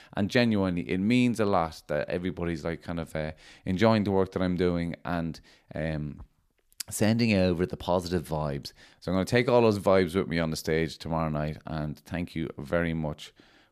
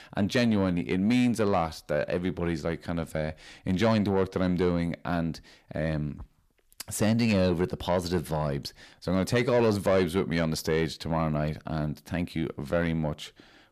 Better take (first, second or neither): first